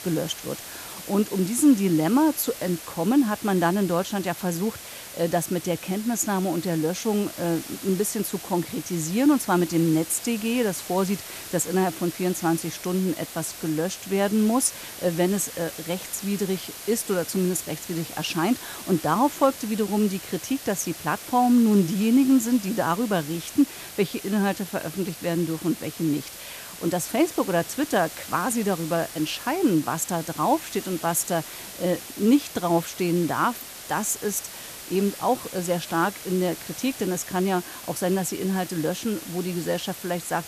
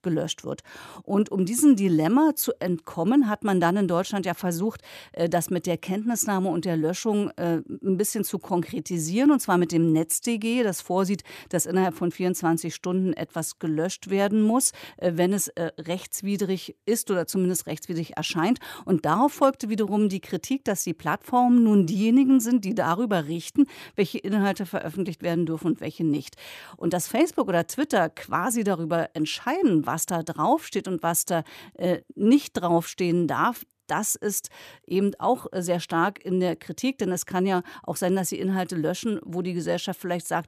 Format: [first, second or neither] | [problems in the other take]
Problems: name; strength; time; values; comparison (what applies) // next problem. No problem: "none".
second | hiss; noticeable; throughout; 10 dB below the speech